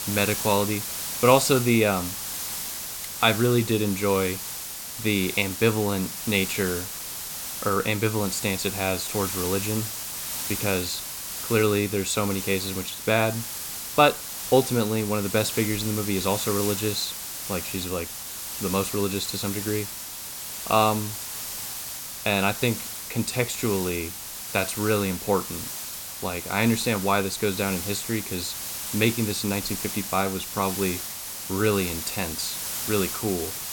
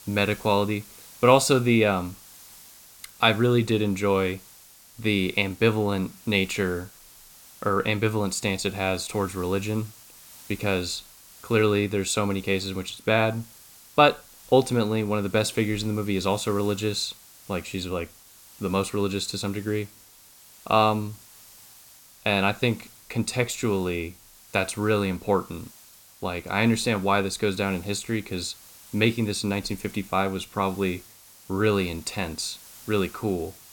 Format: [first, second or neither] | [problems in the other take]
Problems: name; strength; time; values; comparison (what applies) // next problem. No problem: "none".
second | hiss; loud; throughout; 5 dB below the speech; faint in the second